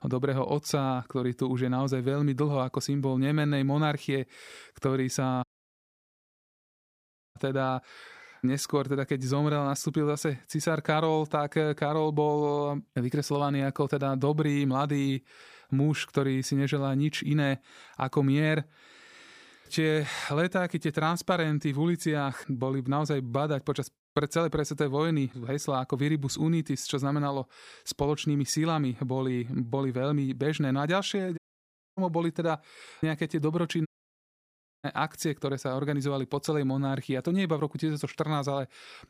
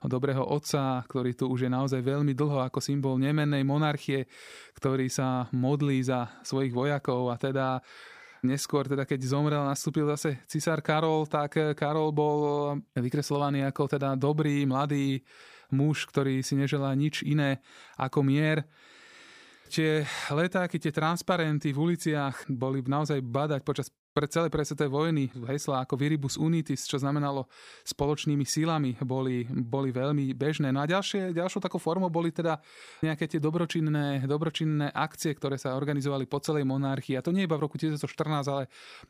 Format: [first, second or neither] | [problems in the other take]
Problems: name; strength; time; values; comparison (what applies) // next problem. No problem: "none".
second | audio cutting out; at 5.5 s for 2 s, at 31 s for 0.5 s and at 34 s for 1 s